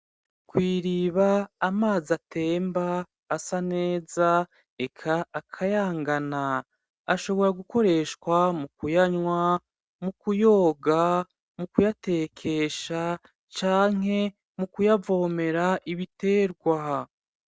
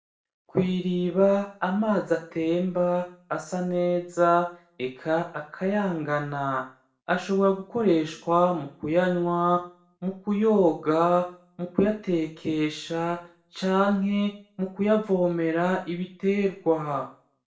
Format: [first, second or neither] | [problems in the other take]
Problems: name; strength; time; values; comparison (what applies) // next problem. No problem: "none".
first | room echo; dies away in 0.4 s